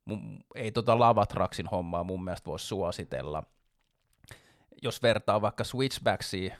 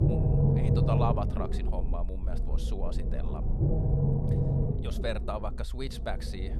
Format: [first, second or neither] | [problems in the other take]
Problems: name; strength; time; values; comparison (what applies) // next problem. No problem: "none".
first | low rumble; loud; throughout; as loud as the speech